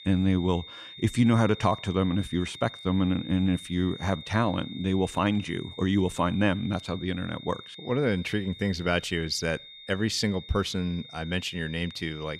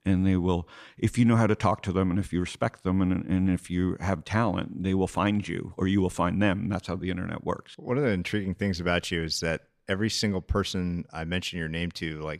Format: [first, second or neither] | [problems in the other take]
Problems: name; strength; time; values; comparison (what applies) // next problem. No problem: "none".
second | high-pitched whine; noticeable; throughout; 3.5 kHz, 15 dB below the speech